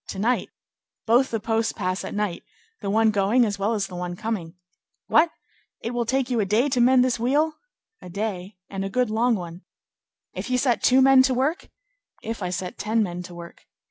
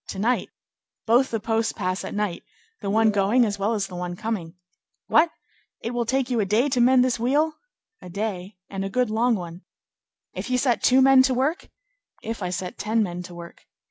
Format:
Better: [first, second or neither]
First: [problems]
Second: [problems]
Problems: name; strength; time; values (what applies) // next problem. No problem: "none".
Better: first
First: none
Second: background sound (Ringtone / Chime); 14 dB below the speech